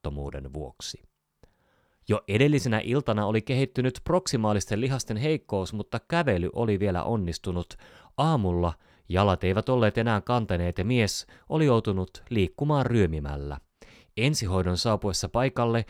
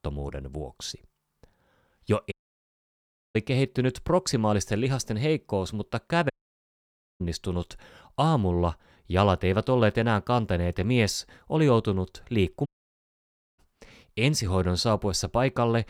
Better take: first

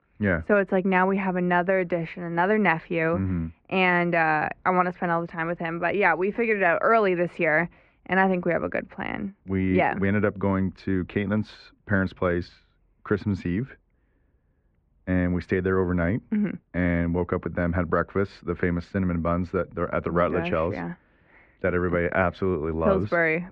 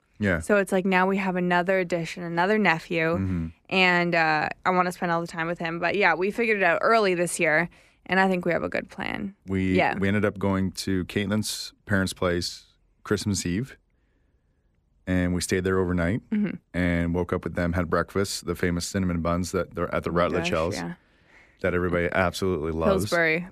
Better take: second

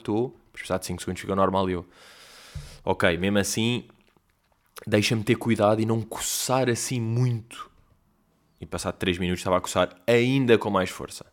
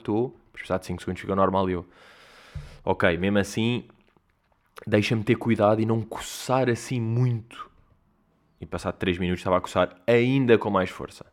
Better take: first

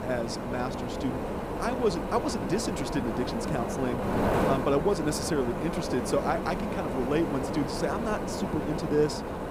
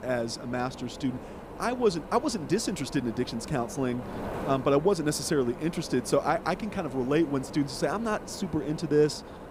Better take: second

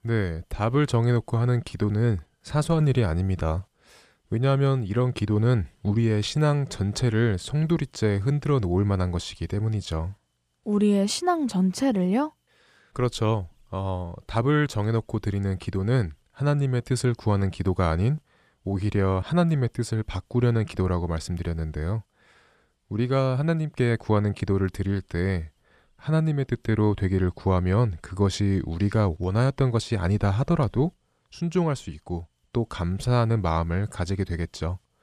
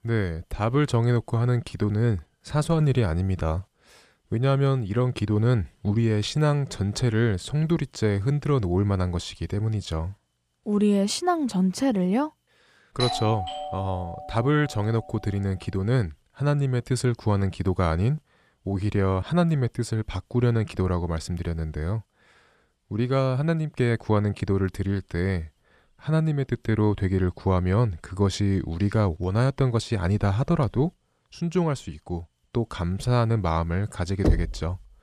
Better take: first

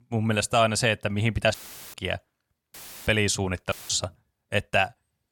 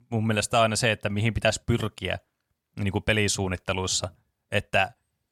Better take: second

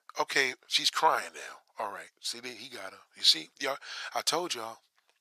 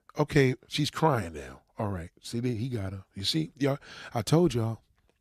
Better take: second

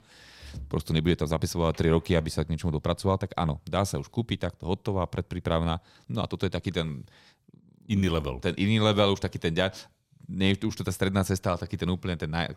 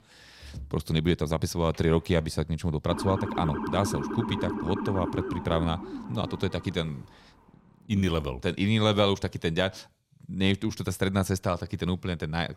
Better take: first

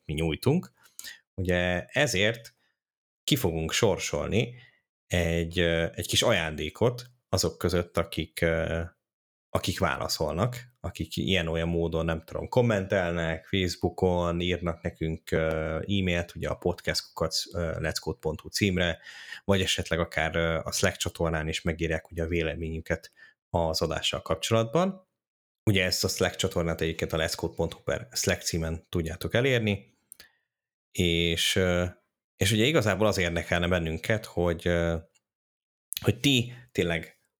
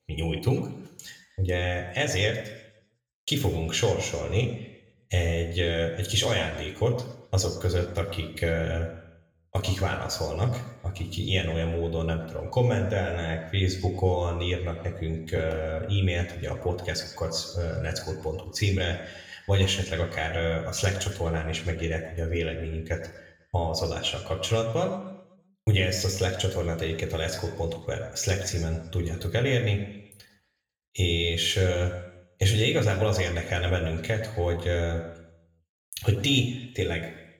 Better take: first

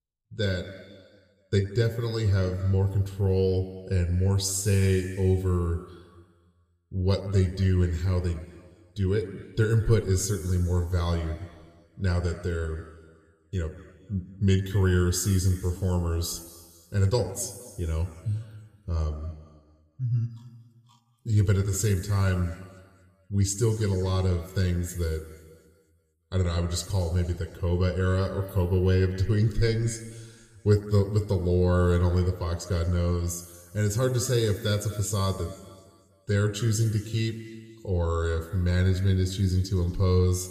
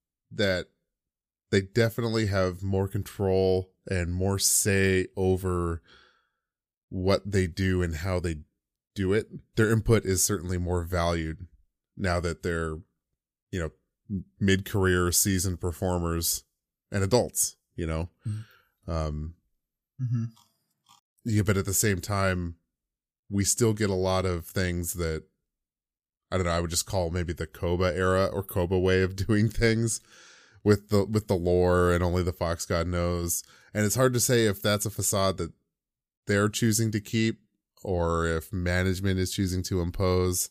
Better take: second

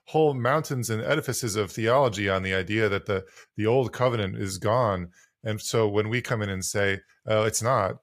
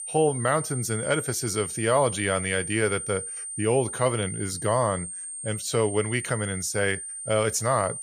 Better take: first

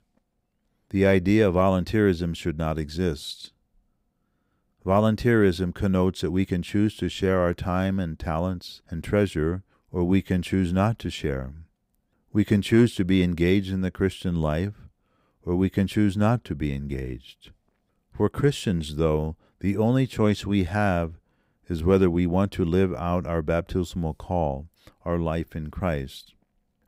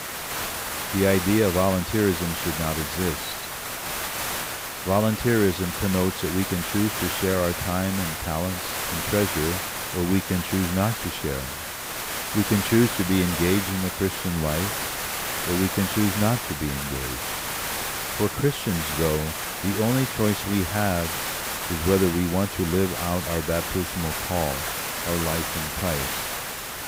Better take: first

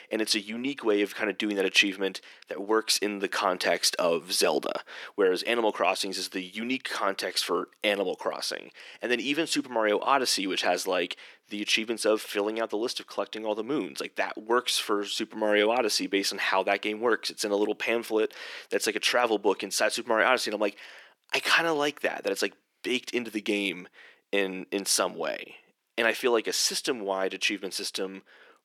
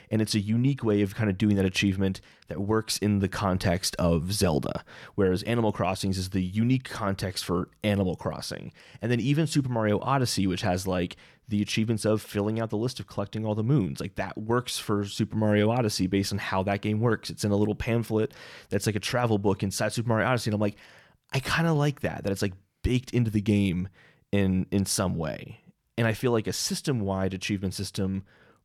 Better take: second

